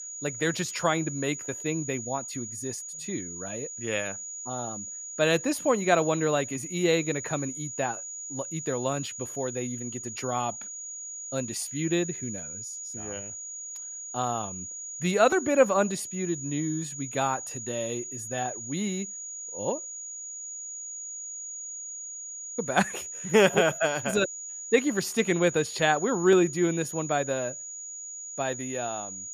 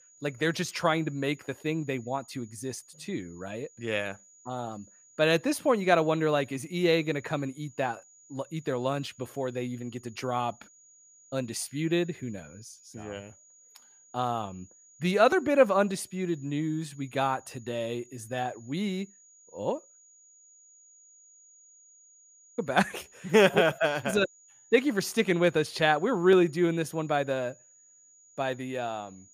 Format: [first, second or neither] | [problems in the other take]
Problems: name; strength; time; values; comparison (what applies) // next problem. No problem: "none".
second | high-pitched whine; loud; throughout; 7 kHz, 8 dB below the speech; faint in the second